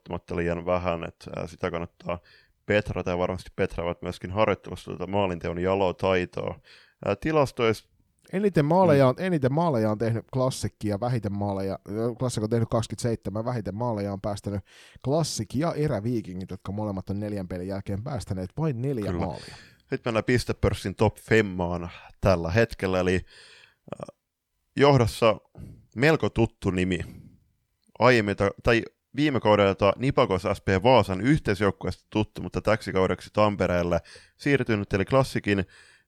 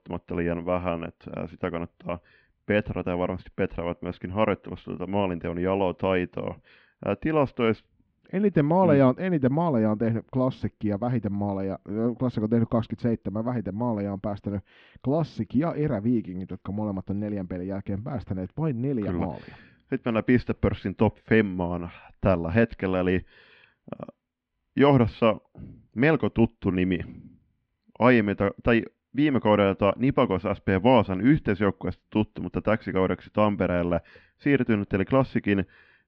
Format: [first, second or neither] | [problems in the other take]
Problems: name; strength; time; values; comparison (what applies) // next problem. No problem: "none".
first | muffled; very; fading above 3 kHz